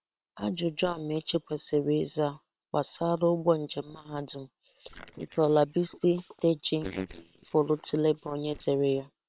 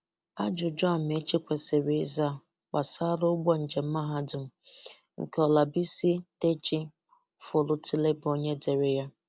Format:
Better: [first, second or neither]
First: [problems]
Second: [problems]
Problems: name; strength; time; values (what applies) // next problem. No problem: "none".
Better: second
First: noise reduction (neural separator model SepFormer WHAM!)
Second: none